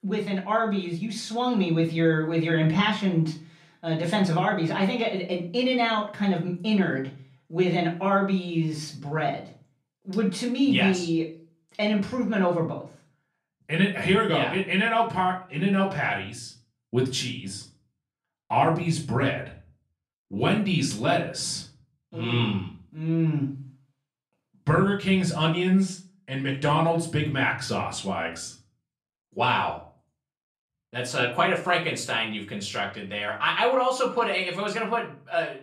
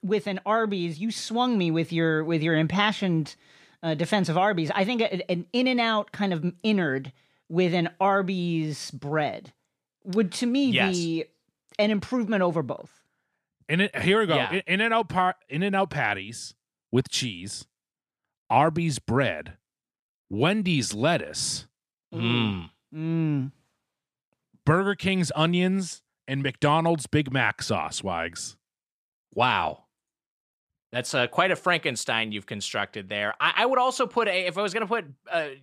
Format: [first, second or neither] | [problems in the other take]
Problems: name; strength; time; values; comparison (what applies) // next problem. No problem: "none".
second | off-mic speech; far // room echo; slight; dies away in 0.3 s